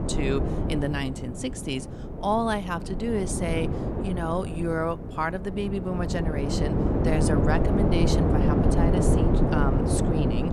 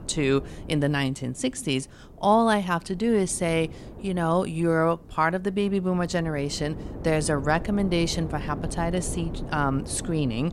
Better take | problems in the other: second | wind noise on the microphone; heavy; as loud as the speech; occasional gusts in the second

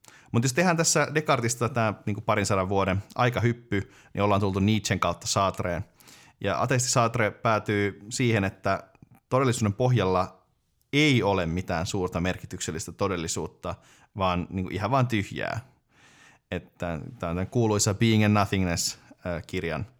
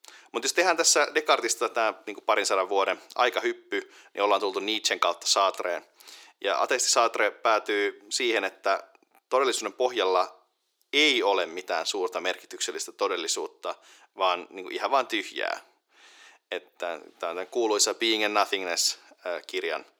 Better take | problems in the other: first | thin; very; fading below 350 Hz

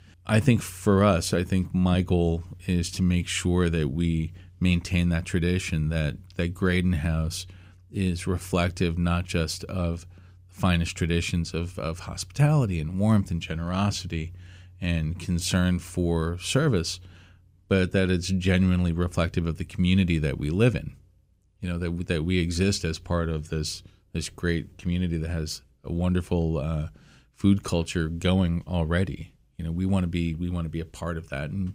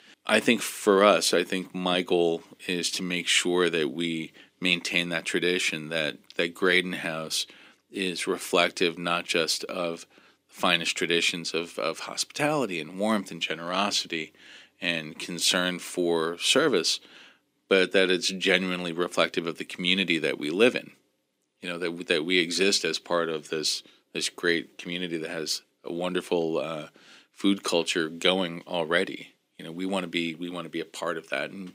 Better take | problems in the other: first | thin; somewhat; fading below 250 Hz

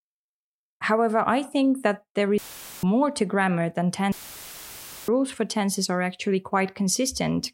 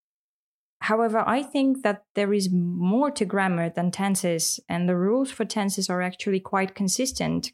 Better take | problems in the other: second | audio cutting out; filled with static; at 2.5 s and at 4 s for 1 s

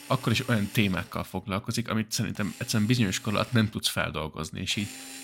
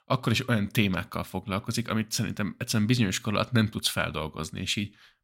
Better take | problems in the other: second | machinery noise; noticeable; throughout; 15 dB below the speech

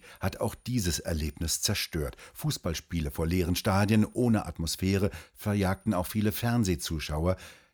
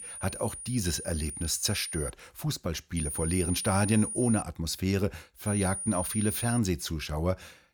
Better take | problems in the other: first | high-pitched whine; loud; until 2 s, from 3 to 4.5 s and from 5.5 to 6.5 s; 9.5 kHz, 5 dB below the speech; faint in the first

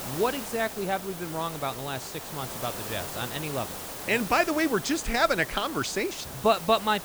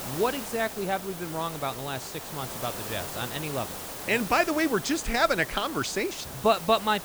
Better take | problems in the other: neither | hiss; loud; throughout; 8 dB below the speech; the same in both

